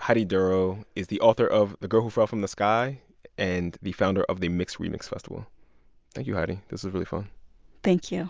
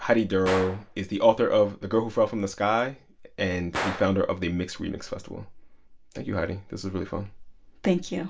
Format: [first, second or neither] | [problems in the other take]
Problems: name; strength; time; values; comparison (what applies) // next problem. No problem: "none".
first | background sound (Gunshot, gunfire); 14 dB below the speech // room echo; dies away in 0.2 s